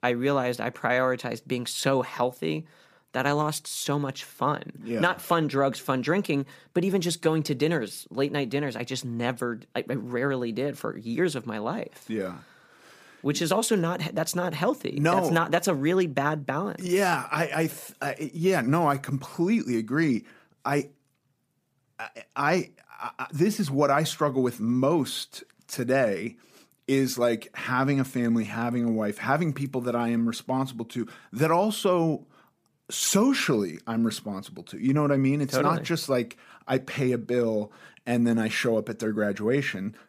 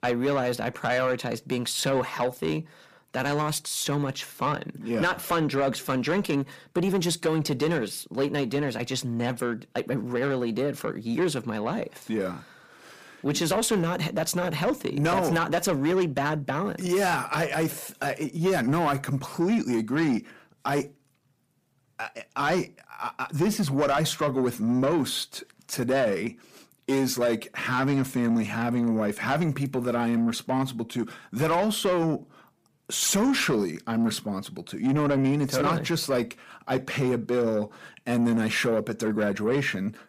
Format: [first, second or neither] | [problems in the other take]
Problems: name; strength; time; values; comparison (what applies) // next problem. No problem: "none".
first | distortion; slight; 10 dB below the speech